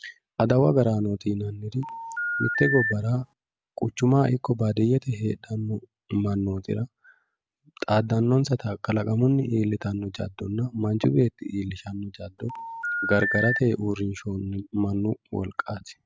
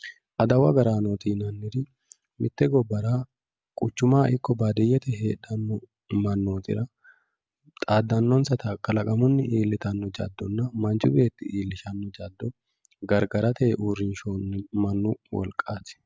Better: second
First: background sound (Telephone); 4 dB below the speech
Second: none

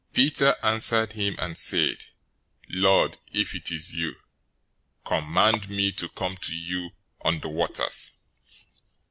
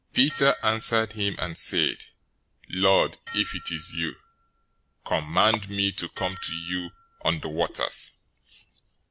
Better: first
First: none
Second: background sound (Dishes, pots, and pans); 19 dB below the speech

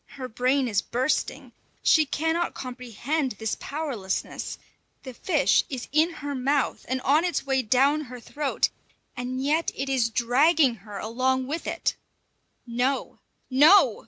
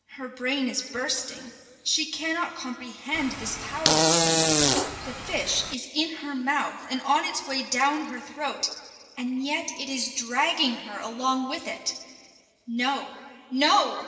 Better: first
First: none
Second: background sound (Fart); 4 dB above the speech // room echo; dies away in 1.9 s

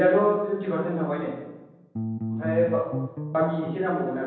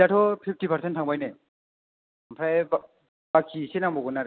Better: second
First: background sound (Bass guitar); 5 dB below the speech // room echo; dies away in 1.1 s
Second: none

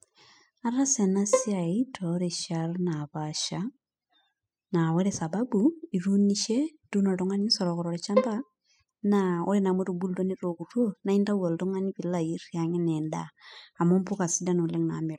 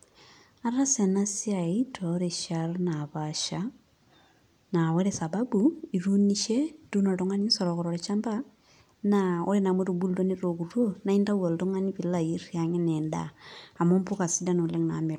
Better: second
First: noise reduction (classical method spectral subtraction)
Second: none

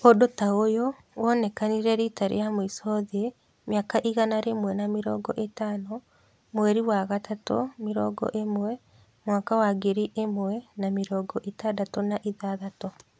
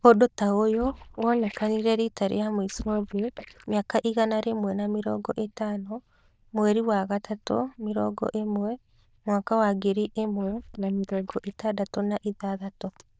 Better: first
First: none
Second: noise reduction (neural diffusion model UNIVERSE++)

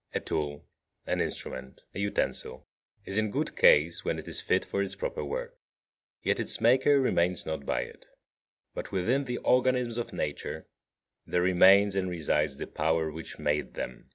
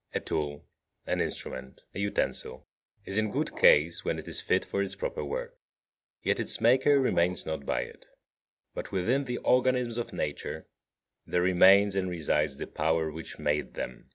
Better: first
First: none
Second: background sound (Glass); 17 dB below the speech

